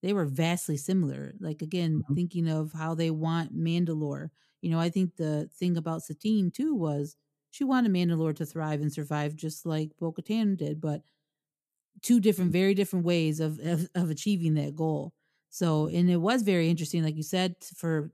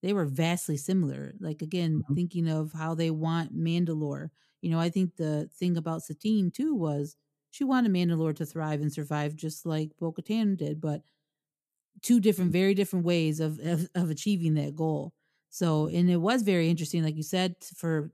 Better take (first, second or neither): neither